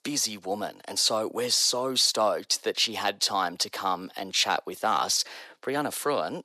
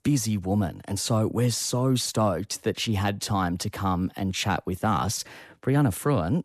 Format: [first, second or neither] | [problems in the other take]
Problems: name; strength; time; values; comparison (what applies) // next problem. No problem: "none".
second | thin; very; fading below 500 Hz